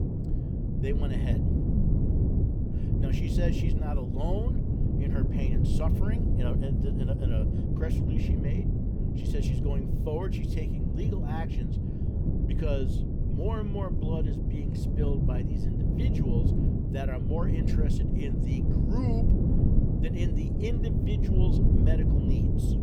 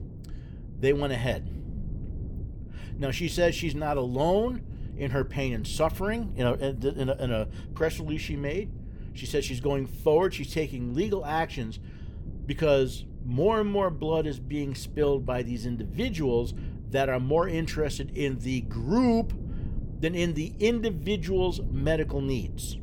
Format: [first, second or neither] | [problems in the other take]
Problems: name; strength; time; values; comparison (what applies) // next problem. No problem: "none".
second | wind noise on the microphone; heavy; 2 dB above the speech; occasional gusts in the second